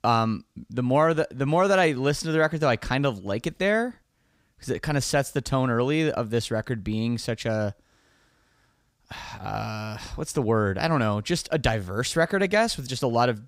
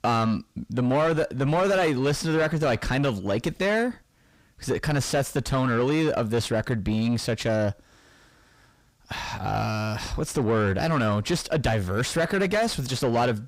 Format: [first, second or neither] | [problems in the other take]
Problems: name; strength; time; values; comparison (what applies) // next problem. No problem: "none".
first | distortion; heavy; 7 dB below the speech